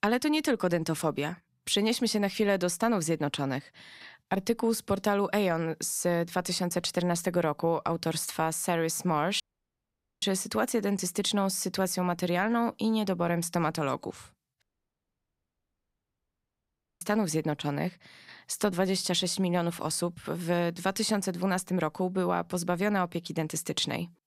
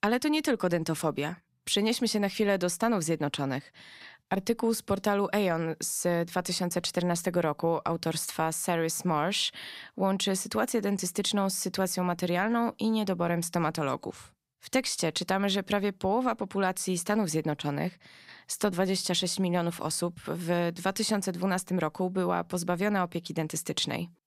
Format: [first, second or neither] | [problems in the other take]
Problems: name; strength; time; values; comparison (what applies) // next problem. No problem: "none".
second | audio cutting out; at 9.5 s for 1 s and at 15 s for 2.5 s